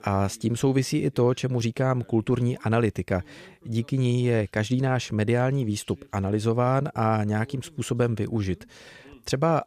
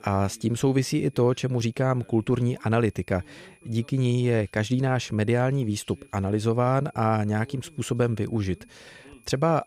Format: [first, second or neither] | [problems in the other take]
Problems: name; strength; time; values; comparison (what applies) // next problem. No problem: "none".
first | high-pitched whine; faint; throughout; 2.5 kHz, 35 dB below the speech